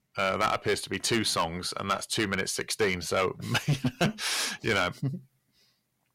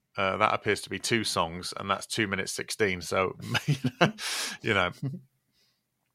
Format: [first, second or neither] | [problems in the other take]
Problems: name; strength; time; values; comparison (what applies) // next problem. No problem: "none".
second | distortion; heavy; 4% of the sound clipped